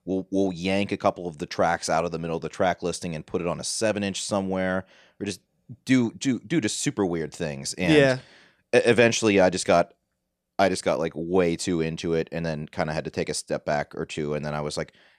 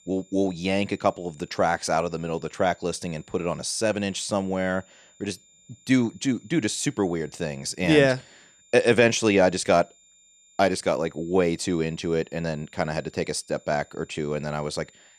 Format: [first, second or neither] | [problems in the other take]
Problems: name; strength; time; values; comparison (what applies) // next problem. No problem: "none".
first | high-pitched whine; faint; throughout; 7 kHz, 30 dB below the speech